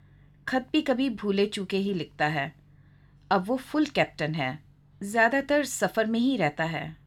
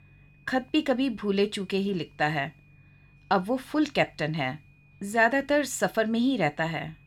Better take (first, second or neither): first